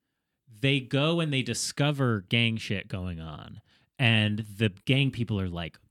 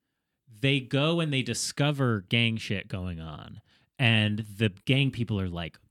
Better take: neither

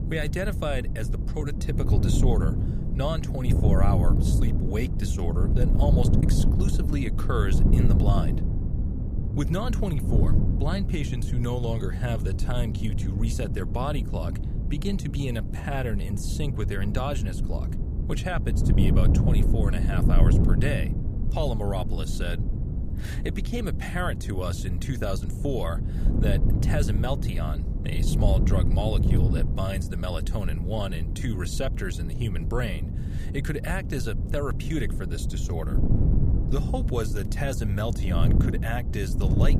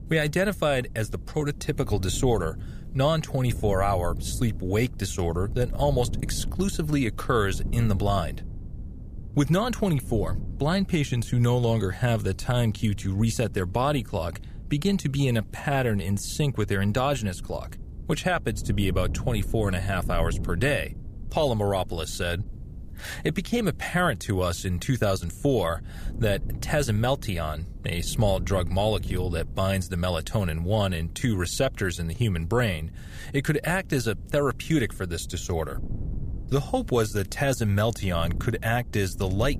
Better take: second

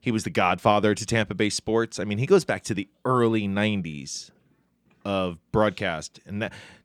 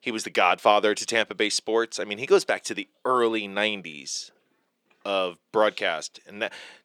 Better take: first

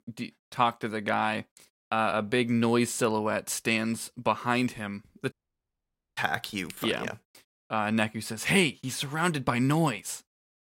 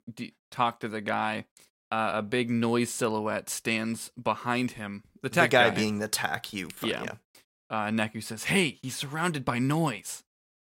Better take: second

